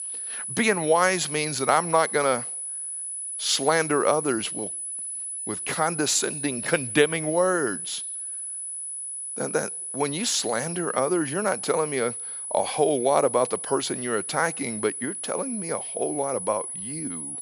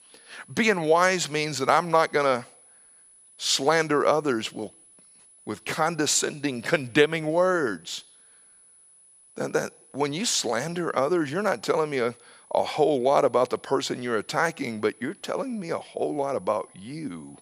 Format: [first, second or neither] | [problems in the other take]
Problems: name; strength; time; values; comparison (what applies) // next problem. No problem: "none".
second | high-pitched whine; loud; throughout; 10 kHz, 5 dB below the speech; faint in the second